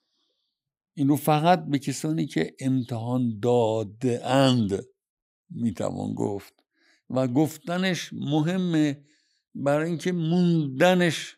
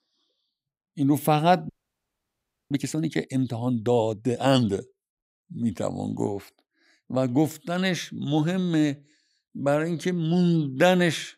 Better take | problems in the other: first | audio freezing; at 1.5 s for 1 s

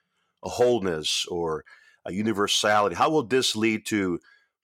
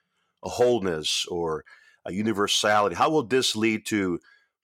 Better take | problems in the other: neither | none

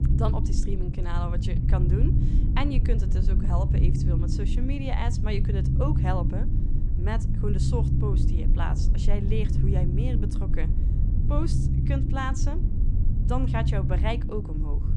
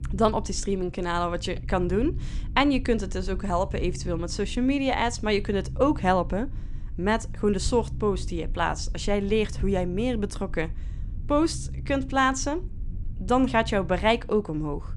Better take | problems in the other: second | low rumble; loud; throughout; 4 dB below the speech; faint in the second

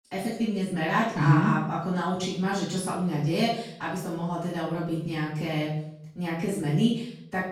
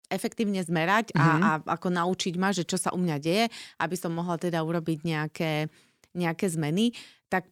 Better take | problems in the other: second | off-mic speech; far // room echo; noticeable; dies away in 0.7 s

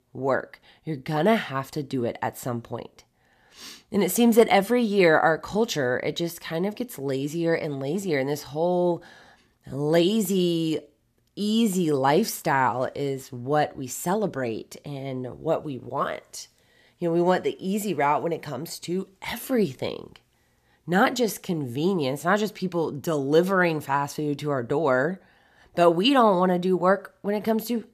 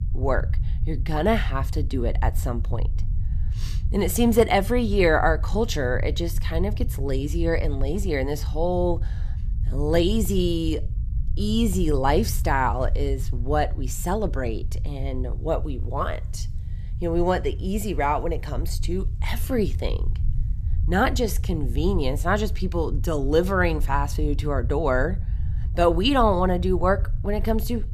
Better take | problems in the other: first | low rumble; faint; throughout; 20 dB below the speech

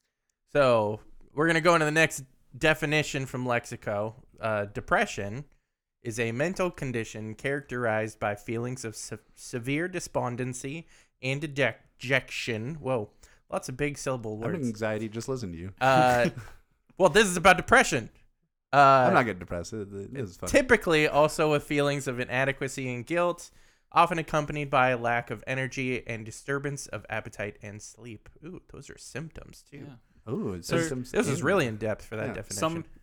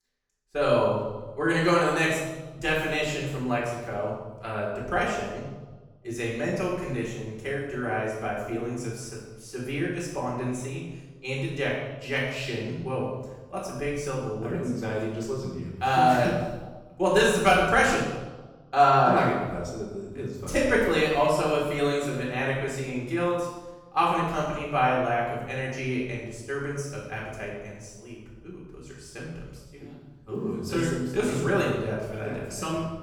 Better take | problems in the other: first | off-mic speech; far // room echo; noticeable; dies away in 1 s

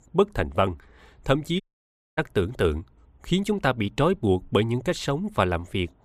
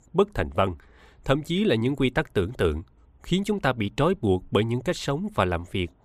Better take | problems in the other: second | audio cutting out; at 1.5 s for 0.5 s

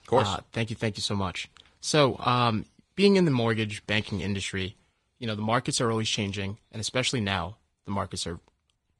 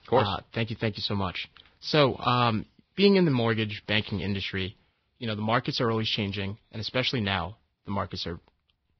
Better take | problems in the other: first | garbled, watery; badly; nothing above 5 kHz; slightly in the first

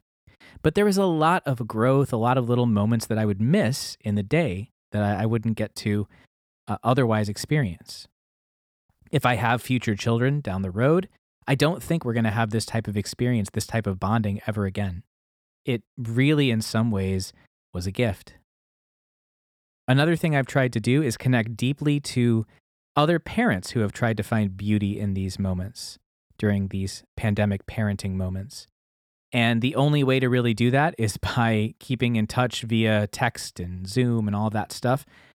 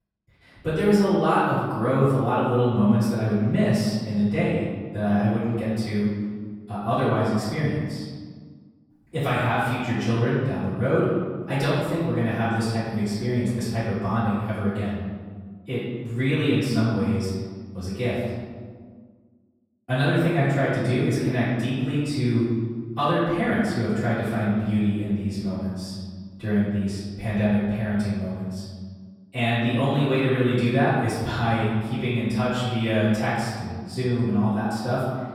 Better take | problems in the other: first | off-mic speech; far // room echo; strong; dies away in 1.5 s

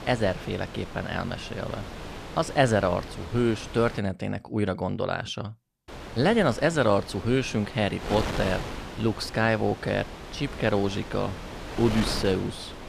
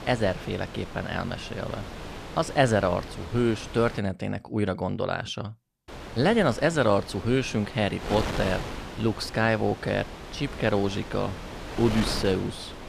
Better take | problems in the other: neither | wind noise on the microphone; occasional gusts; until 4 s and from 6 s on; 10 dB below the speech; the same in both

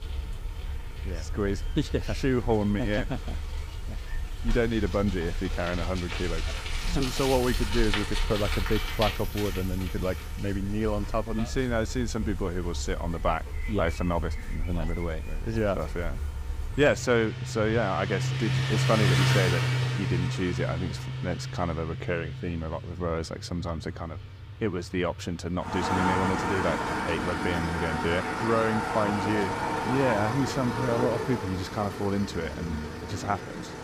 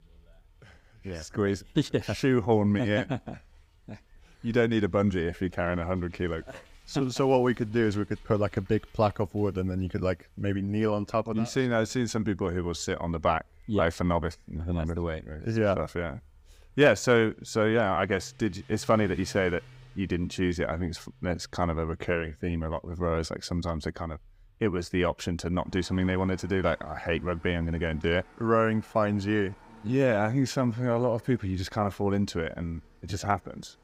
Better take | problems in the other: second | traffic noise; loud; throughout; 2 dB below the speech; faint in the second

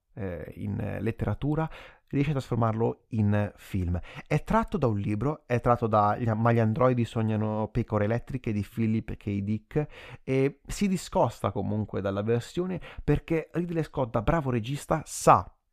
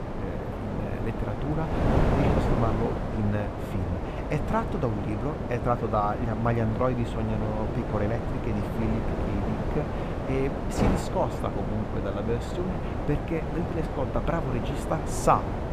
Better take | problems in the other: first | wind noise on the microphone; heavy; 2 dB below the speech

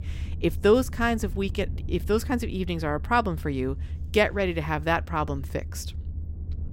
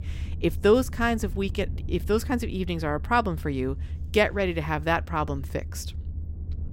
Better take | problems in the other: neither | low rumble; faint; throughout; 25 dB below the speech; the same in both

